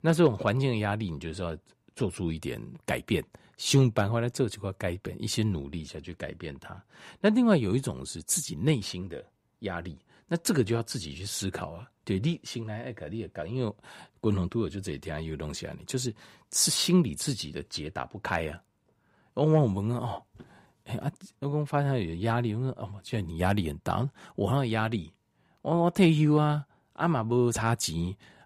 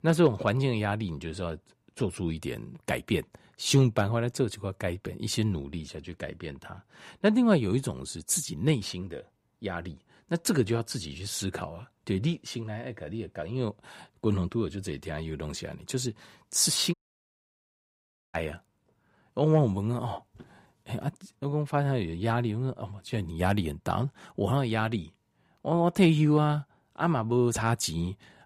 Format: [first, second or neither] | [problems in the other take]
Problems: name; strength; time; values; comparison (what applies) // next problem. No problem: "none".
first | audio cutting out; at 17 s for 1.5 s